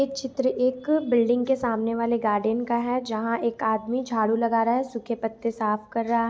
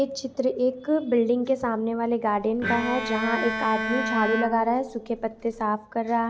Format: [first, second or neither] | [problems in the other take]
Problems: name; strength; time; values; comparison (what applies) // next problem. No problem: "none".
first | background sound (Bowed string instrument); 5 dB below the speech